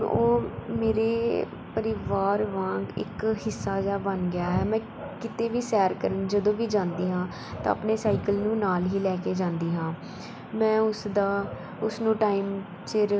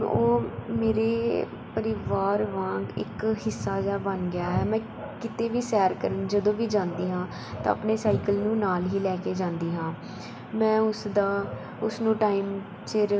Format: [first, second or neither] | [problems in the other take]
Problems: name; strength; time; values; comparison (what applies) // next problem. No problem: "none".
first | room echo; dies away in 1.9 s